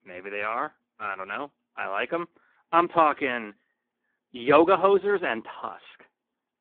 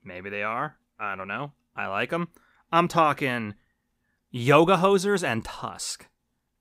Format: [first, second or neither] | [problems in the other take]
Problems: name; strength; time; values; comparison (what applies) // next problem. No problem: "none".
second | phone-call audio; poor line